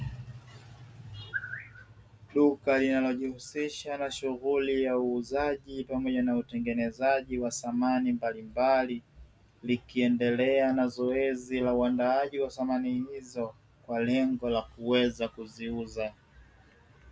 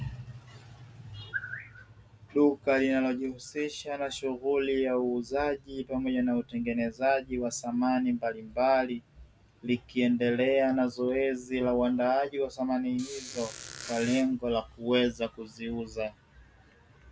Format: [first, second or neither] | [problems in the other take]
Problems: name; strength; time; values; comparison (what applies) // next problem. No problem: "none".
first | background sound (Squeak); 13 dB below the speech